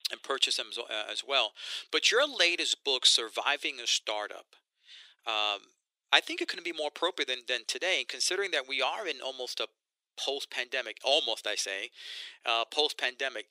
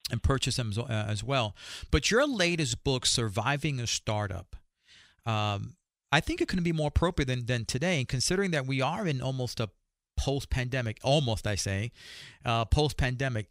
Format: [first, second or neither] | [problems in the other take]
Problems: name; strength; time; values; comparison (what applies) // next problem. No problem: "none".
second | thin; very; fading below 350 Hz